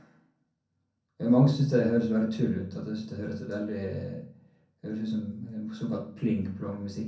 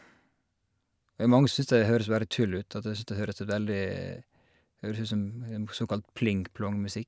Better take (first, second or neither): second